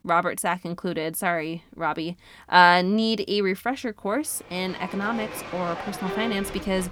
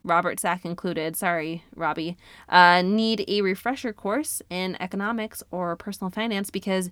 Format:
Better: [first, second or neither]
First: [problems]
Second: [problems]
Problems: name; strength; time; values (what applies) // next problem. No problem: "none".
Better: second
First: crowd noise; noticeable; from 4.5 s on; 10 dB below the speech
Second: none